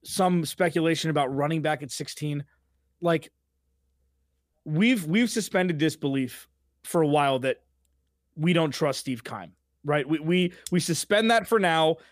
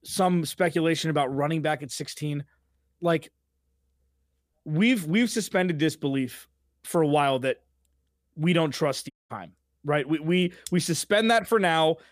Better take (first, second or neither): first